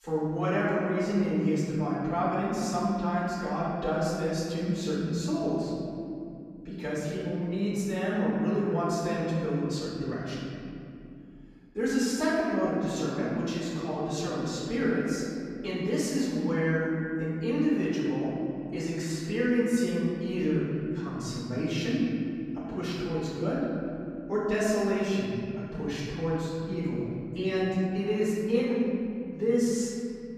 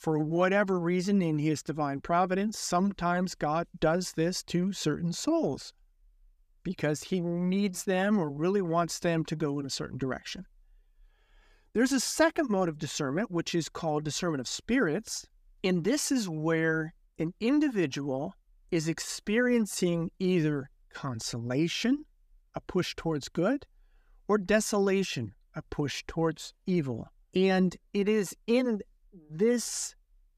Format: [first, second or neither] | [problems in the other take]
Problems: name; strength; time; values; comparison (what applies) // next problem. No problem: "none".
second | off-mic speech; far // room echo; strong; dies away in 2.8 s